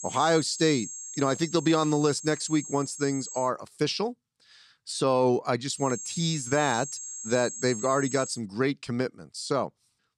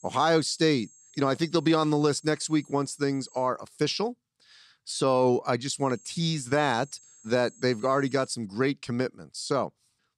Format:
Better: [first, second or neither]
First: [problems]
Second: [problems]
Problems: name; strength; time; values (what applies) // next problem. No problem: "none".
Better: second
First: high-pitched whine; loud; until 3.5 s and from 6 to 8.5 s; 7.5 kHz, 10 dB below the speech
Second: high-pitched whine; faint; until 3.5 s and from 6 to 8.5 s; 7.5 kHz, 25 dB below the speech